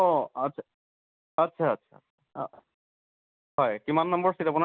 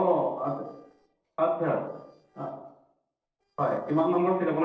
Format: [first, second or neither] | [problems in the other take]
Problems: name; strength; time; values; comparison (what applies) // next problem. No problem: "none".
first | noise reduction (neural separator model SepFormer DNS4)